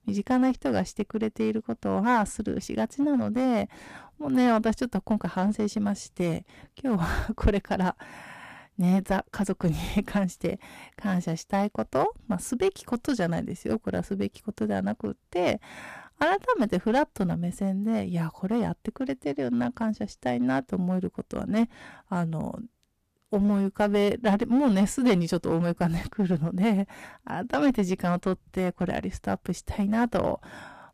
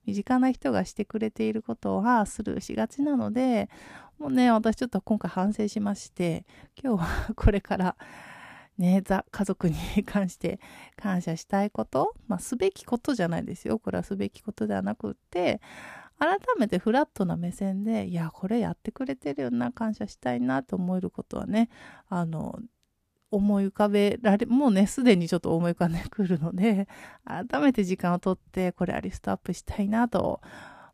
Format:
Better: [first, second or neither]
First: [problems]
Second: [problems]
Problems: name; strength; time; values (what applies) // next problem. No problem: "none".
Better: second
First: distortion; slight; 5% of the sound clipped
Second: none